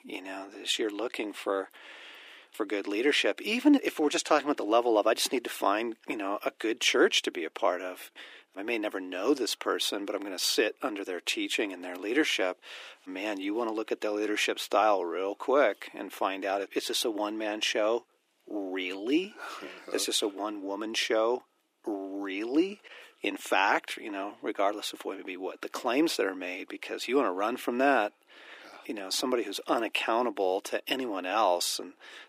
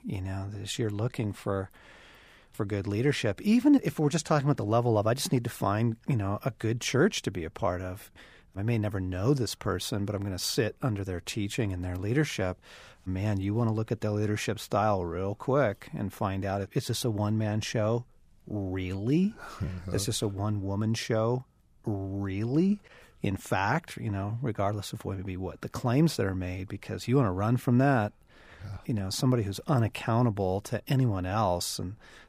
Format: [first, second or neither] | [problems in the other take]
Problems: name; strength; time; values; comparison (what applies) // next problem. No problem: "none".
second | thin; somewhat; fading below 300 Hz